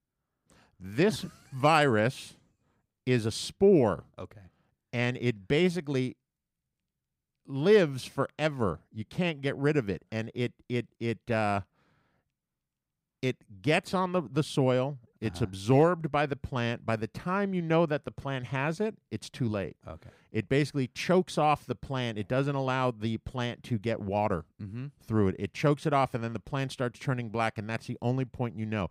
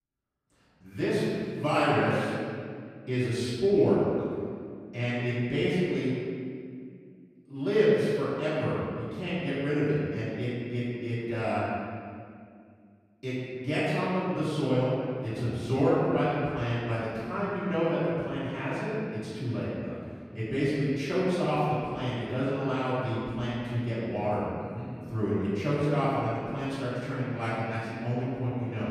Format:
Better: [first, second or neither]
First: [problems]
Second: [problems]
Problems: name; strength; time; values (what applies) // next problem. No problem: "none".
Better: first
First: none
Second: room echo; strong; dies away in 2 s // off-mic speech; far